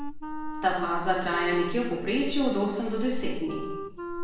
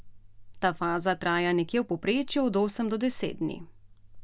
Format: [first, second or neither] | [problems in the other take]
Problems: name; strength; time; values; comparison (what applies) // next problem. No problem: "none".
second | background sound (Wind instrument, woodwind instrument); 11 dB below the speech // room echo; dies away in 0.8 s